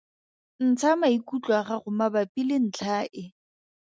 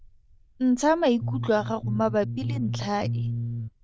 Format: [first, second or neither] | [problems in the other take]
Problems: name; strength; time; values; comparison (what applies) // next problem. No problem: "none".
first | noise reduction (neural diffusion model UNIVERSE++)